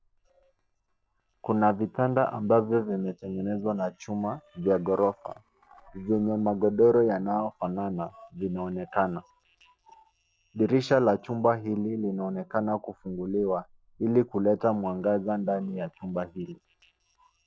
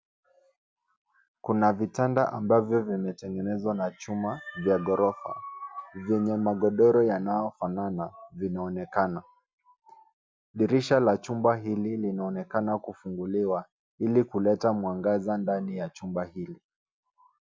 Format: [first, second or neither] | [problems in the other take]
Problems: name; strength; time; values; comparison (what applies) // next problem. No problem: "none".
second | noise reduction (neural separator model SepFormer DNS4)